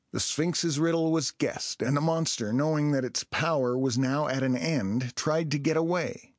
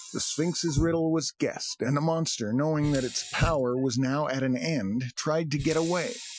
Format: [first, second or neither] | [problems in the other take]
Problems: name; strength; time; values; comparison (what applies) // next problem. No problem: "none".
first | noise reduction (classical method Wiener filter)